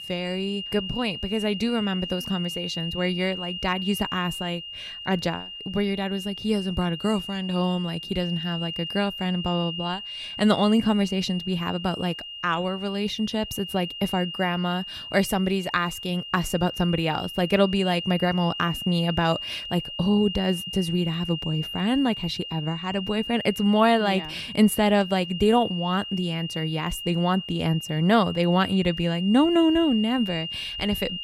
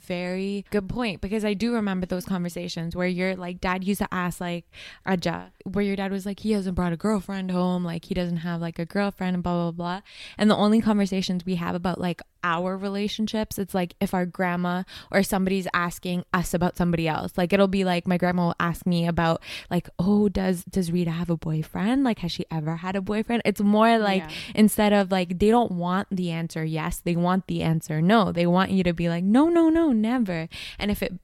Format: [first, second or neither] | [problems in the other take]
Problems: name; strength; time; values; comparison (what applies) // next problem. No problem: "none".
second | high-pitched whine; loud; throughout; 3 kHz, 8 dB below the speech